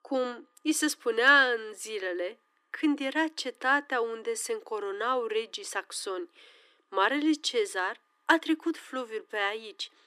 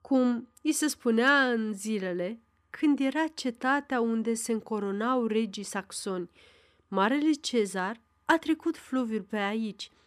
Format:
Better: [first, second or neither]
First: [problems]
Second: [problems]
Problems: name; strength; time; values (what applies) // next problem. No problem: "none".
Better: second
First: thin; somewhat; fading below 300 Hz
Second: none